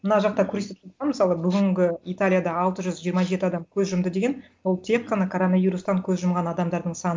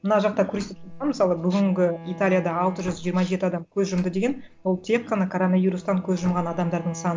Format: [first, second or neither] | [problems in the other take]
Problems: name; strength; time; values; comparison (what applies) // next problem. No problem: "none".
first | background sound (Slam + Bowed string instrument); 17 dB below the speech